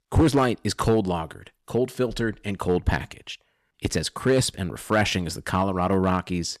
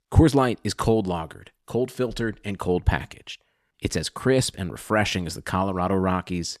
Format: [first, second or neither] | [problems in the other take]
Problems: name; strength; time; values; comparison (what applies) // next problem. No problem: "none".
second | distortion; slight; 2% of the sound clipped